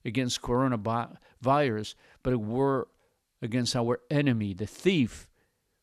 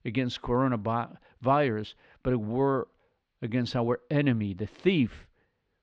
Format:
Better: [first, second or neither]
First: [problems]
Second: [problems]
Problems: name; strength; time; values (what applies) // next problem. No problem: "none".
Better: first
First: none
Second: muffled; slightly; fading above 3.5 kHz